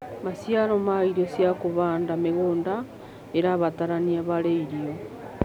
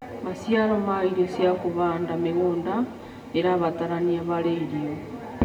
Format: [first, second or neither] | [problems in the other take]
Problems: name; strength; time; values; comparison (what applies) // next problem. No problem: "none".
first | room echo; dies away in 0.7 s